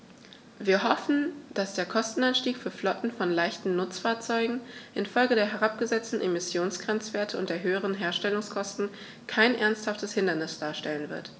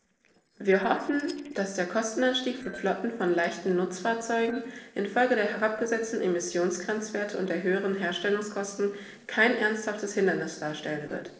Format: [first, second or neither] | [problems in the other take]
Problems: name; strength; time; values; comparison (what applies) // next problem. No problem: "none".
first | noise reduction (neural separator model SepFormer DNS4)